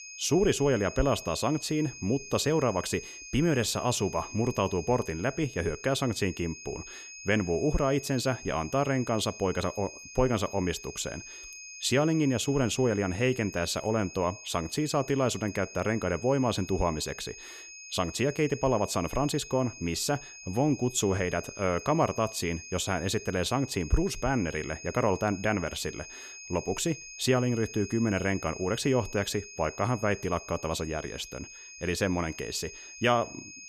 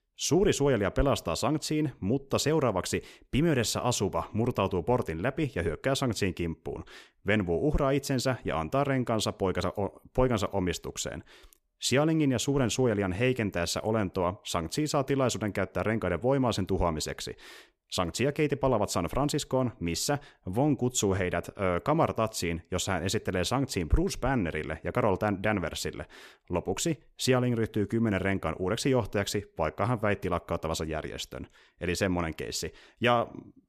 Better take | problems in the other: second | high-pitched whine; noticeable; throughout; 2.5 kHz, 15 dB below the speech

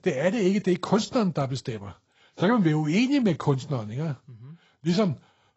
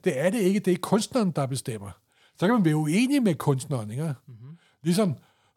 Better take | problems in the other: second | garbled, watery; badly; nothing above 8 kHz

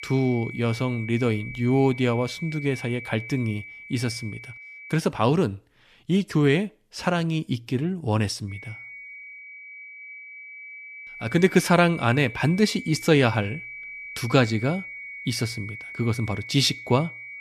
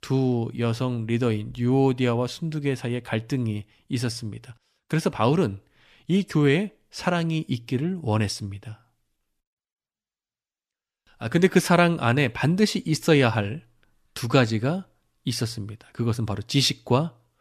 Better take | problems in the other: second | high-pitched whine; noticeable; until 5 s and from 8.5 s on; 2.5 kHz, 15 dB below the speech

